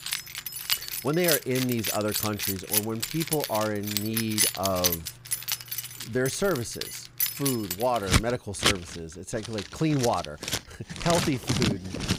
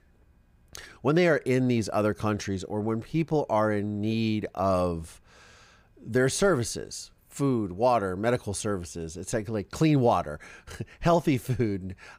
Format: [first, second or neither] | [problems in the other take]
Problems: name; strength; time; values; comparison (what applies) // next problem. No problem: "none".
second | household noises; very loud; throughout; 1 dB above the speech